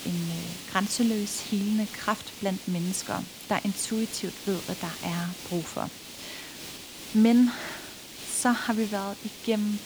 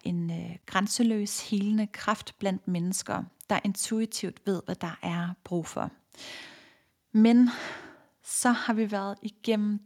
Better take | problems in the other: second | hiss; noticeable; throughout; 10 dB below the speech

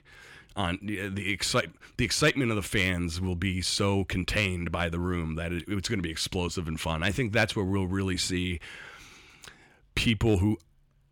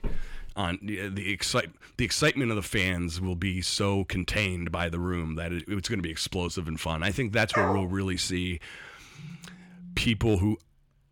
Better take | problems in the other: first | footsteps; faint; at the start; peak 10 dB below the speech // dog barking; loud; at 7.5 s; peak 1 dB above the speech // phone ringing; faint; from 9 to 10 s; peak 15 dB below the speech

